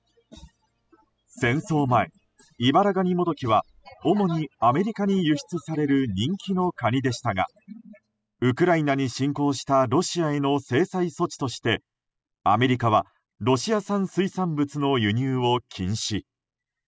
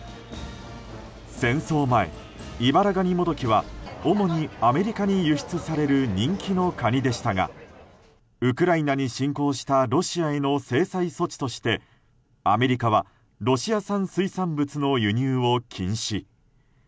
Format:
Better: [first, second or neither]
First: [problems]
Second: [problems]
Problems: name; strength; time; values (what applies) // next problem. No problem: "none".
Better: second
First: noise reduction (classical method spectral subtraction)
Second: none